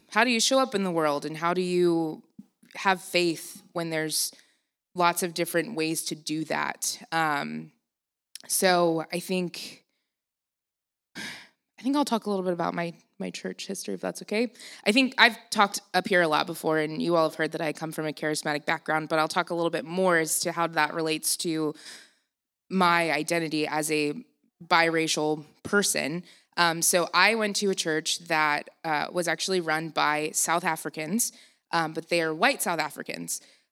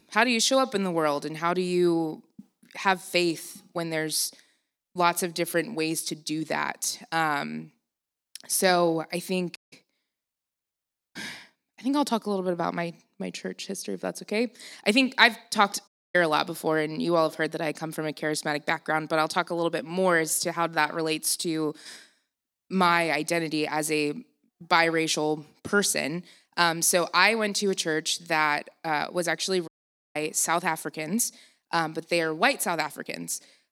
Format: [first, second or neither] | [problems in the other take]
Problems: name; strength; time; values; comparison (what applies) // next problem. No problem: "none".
first | audio cutting out; at 9.5 s, at 16 s and at 30 s